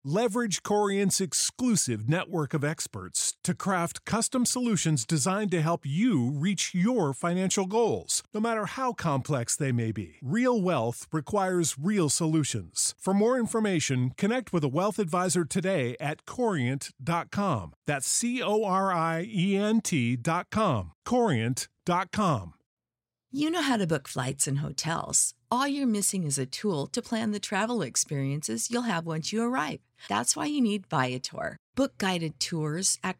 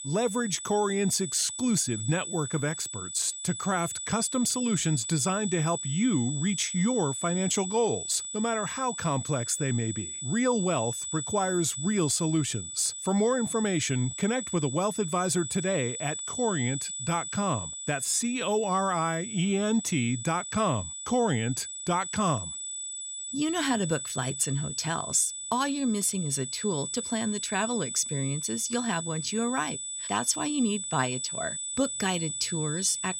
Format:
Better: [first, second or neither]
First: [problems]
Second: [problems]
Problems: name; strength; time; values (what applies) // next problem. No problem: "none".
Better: first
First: none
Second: high-pitched whine; loud; throughout; 8 kHz, 5 dB below the speech